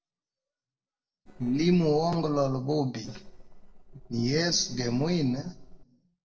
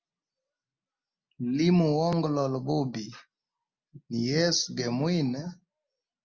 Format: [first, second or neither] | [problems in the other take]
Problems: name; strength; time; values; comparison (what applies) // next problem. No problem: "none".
second | noise reduction (neural separator model SepFormer DNS4)